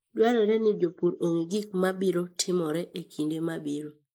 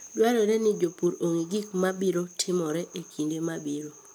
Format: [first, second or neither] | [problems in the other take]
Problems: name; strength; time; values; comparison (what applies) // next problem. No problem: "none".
second | noise reduction (neural mask model Resemble Enhance denoiser)